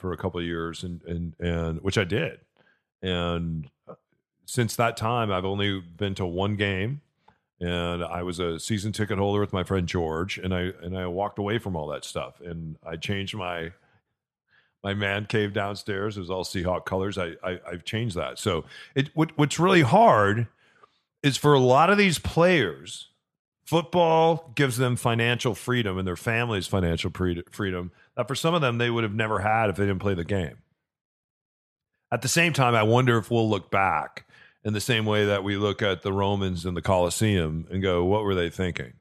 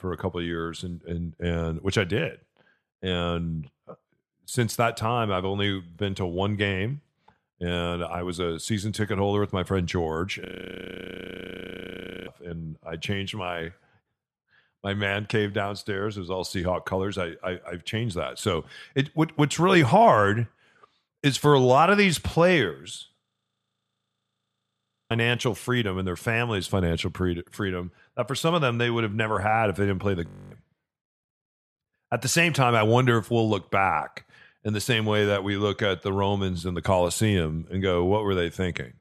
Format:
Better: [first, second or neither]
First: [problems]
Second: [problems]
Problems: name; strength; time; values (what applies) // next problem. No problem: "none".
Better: first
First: none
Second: audio freezing; at 10 s for 2 s, at 23 s for 2 s and at 30 s